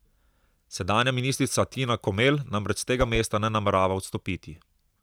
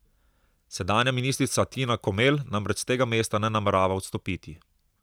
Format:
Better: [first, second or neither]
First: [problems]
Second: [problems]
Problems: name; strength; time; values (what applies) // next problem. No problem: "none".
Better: second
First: background sound (Whoosh, swoosh, swish); 7 dB below the speech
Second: none